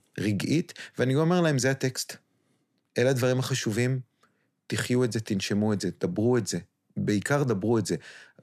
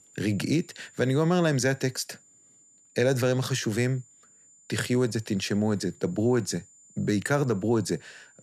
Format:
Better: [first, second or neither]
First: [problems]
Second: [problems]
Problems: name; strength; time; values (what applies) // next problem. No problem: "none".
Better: first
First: none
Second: high-pitched whine; faint; throughout; 7 kHz, 25 dB below the speech